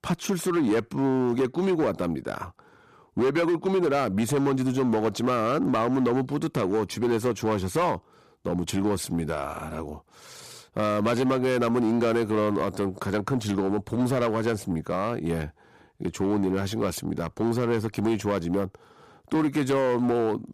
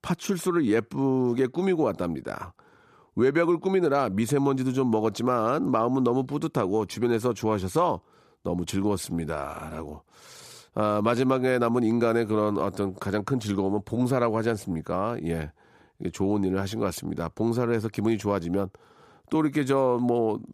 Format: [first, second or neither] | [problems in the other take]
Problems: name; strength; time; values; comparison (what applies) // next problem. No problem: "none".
second | distortion; slight; 10% of the sound clipped